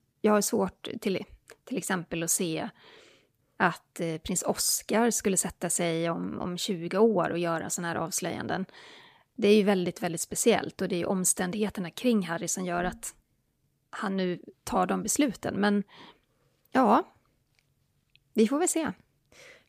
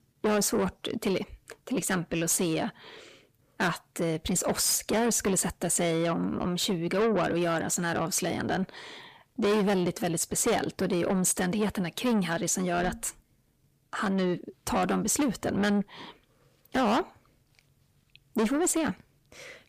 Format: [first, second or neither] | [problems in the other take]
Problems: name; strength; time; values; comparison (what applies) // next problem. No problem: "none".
first | distortion; heavy; 6 dB below the speech